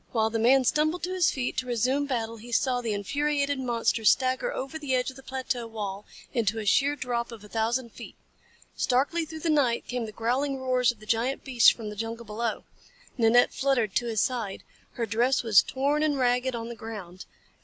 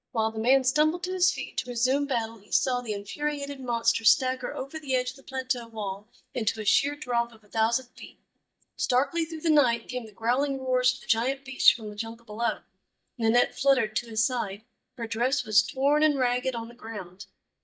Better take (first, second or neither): first